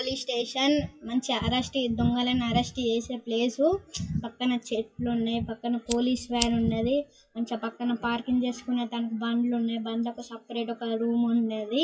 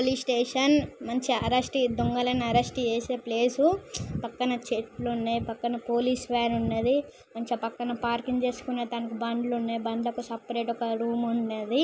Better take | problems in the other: second | noise reduction (classical method WPE with log-MMSE)

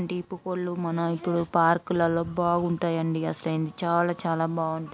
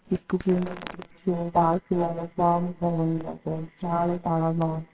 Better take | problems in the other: first | noise reduction (neural separator model SepFormer WHAMR!)

